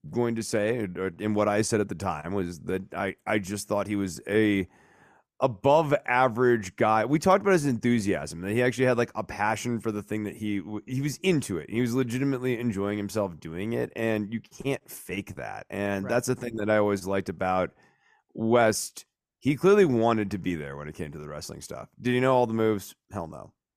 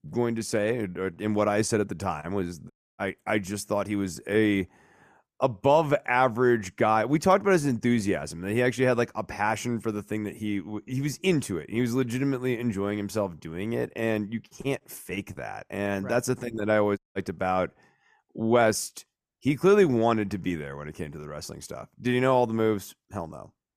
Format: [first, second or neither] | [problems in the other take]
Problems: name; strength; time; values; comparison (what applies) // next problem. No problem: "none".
first | audio cutting out; at 2.5 s and at 17 s